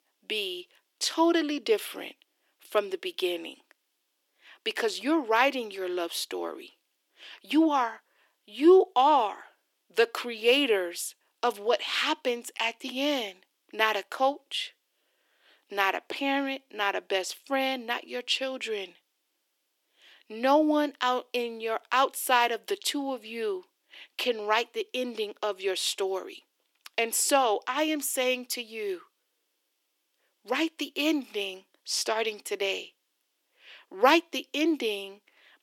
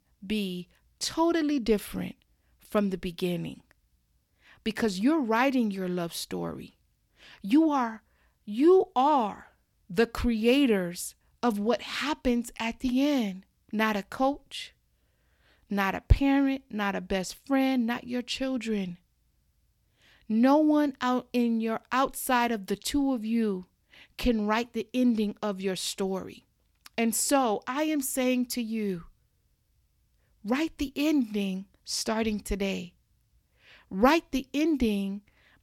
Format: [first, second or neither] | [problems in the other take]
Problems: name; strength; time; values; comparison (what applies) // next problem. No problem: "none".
second | thin; somewhat; fading below 350 Hz